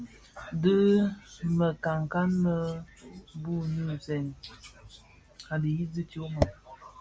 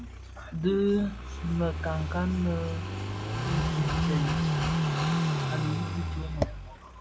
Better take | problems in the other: first | background sound (Car passing by / Idling); 2 dB above the speech

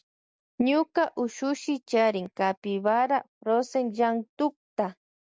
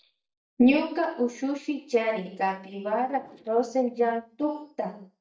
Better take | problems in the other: first | noise reduction (neural mask model DeepFilterNet 3)

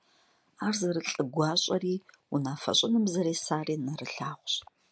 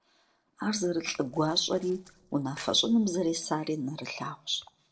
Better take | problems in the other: first | noise reduction (neural separator model SepFormer DNS4)

